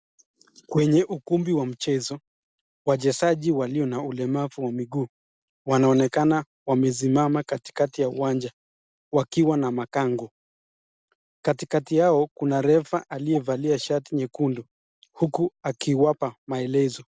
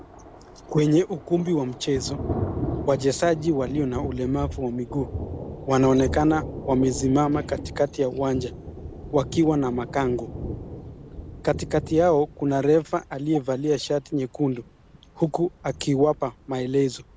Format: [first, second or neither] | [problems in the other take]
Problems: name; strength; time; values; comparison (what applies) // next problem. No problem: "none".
first | background sound (Thunder); 11 dB below the speech